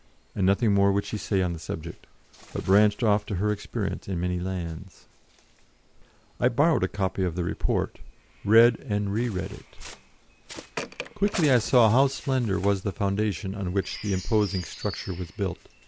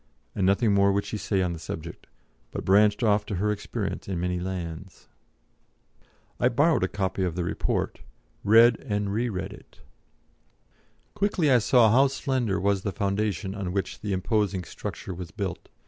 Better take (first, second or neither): second